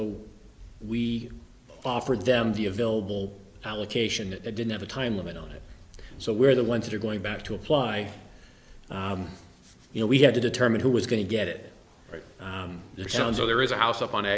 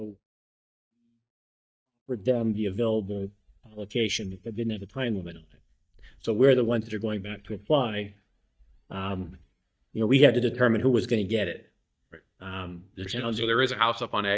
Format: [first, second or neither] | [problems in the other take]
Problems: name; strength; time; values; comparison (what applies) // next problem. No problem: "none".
first | noise reduction (neural mask model DeepFilterNet 3)